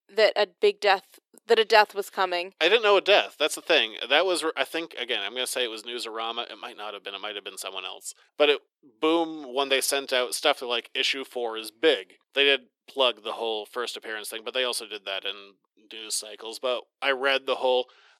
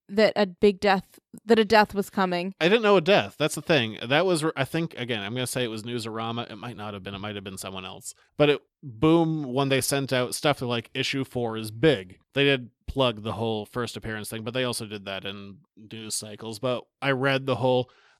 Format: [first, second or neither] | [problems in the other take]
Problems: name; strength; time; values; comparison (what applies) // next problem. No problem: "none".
second | thin; very; fading below 350 Hz